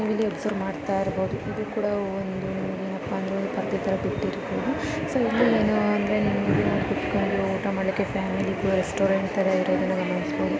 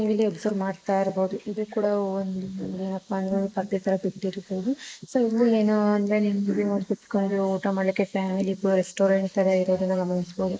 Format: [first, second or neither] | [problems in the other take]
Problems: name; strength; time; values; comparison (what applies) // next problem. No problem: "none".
first | noise reduction (neural mask model Resemble Enhance denoiser)